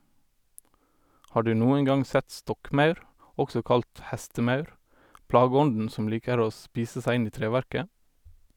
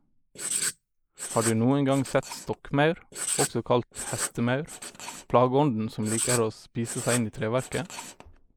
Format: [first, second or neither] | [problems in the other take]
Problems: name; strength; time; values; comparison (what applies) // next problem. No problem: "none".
first | noise reduction (neural mask model Resemble Enhance denoiser)